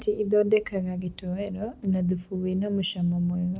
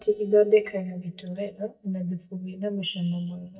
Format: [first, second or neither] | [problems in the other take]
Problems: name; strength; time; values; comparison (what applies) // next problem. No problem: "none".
first | noise reduction (neural mask model DeepFilterNet 3)